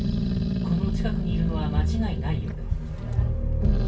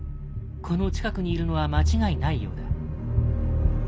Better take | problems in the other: second | background sound (Growling); 4 dB below the speech // room echo; dies away in 0.2 s

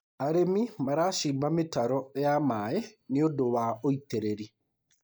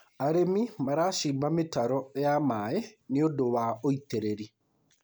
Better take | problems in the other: second | noise reduction (neural mask model DeepFilterNet 3)

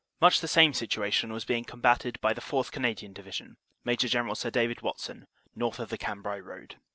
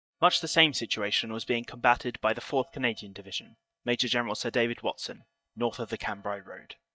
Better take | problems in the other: first | noise reduction (neural mask model DeepFilterNet 3)

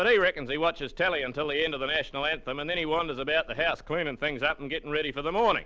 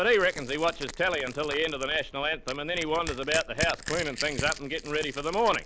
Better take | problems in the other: first | background sound (Crushing); 11 dB below the speech

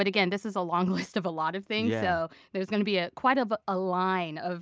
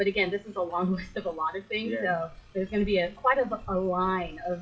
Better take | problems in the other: first | noise reduction (classical method WPE with log-MMSE)

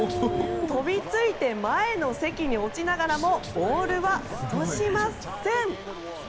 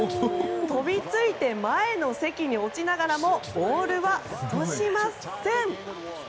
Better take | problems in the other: second | background sound (Walk, footsteps); 13 dB below the speech

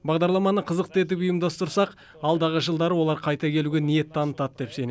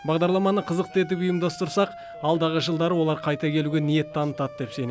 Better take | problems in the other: first | background sound (Siren); 17 dB below the speech

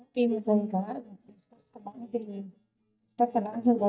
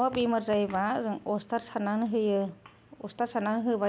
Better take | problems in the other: second | noise reduction (neural mask model DeepFilterNet 3)

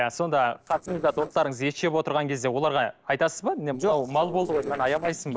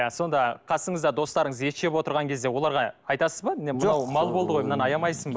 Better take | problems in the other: second | noise reduction (neural separator model SepFormer DNS4)

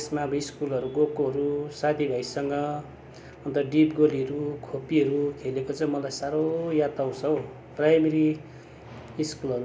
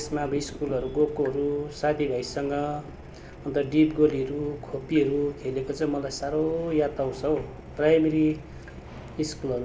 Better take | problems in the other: first | background sound (Drip / Water tap, faucet); 17 dB below the speech

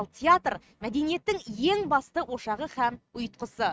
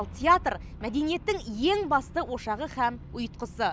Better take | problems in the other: second | noise reduction (neural mask model RNNoise)

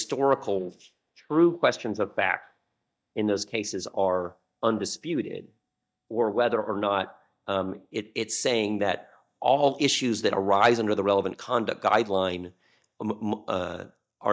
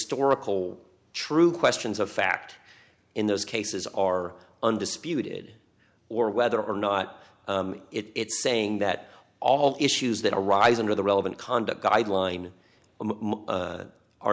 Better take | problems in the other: second | noise reduction (neural mask model DeepFilterNet 3)

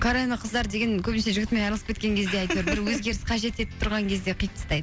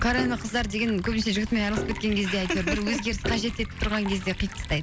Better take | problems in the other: first | background sound (Liquid + Piano); 11 dB below the speech

